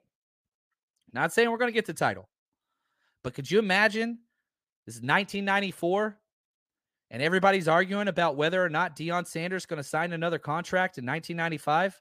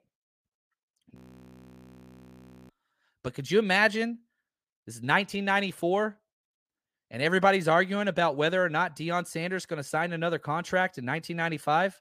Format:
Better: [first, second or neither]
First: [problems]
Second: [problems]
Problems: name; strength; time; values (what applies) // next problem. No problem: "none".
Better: first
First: none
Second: audio freezing; at 1 s for 1.5 s